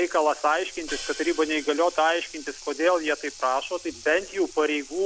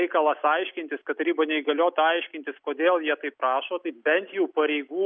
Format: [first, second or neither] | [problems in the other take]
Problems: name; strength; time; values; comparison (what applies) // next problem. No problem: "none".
second | background sound (Sink (filling or washing) / Water tap, faucet + Hi-hat); 15 dB below the speech